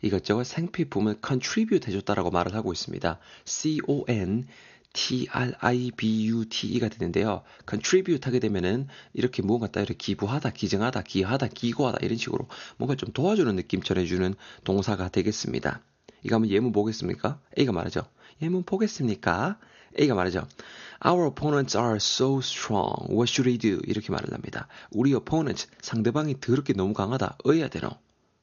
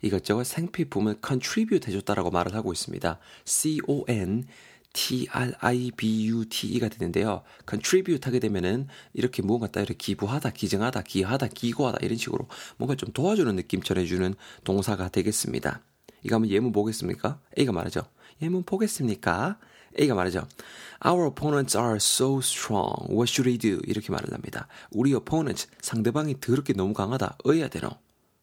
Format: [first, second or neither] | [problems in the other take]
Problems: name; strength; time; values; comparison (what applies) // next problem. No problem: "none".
second | garbled, watery; slightly; nothing above 6.5 kHz